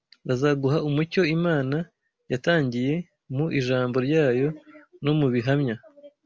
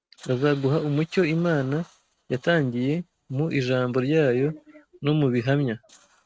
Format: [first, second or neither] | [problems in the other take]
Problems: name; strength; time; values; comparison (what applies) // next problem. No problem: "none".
first | noise reduction (neural mask model RNNoise)